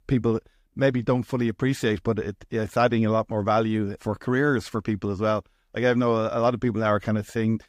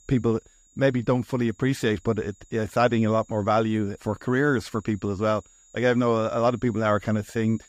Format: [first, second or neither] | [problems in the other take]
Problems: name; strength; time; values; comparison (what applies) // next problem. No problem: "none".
first | high-pitched whine; faint; throughout; 7 kHz, 30 dB below the speech